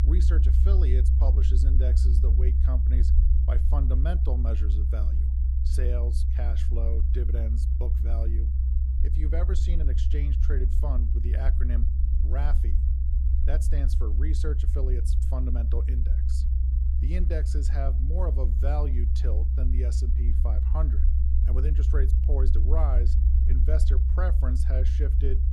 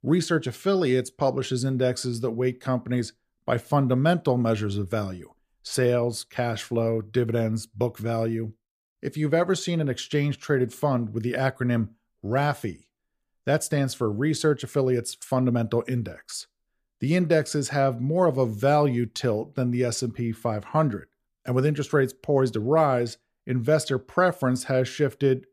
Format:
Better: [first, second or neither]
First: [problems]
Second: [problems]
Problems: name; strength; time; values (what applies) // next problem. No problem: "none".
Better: second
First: low rumble; loud; throughout; 3 dB below the speech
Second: none